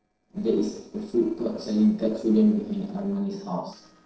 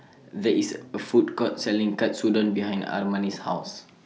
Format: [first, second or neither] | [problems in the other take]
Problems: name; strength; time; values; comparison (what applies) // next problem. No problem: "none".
second | noise reduction (neural separator model SepFormer DNS4)